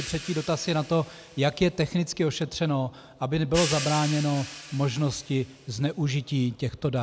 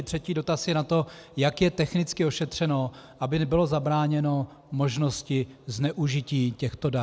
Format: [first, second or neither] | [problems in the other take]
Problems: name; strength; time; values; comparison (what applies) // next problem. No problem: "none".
second | background sound (Hi-hat); 13 dB below the speech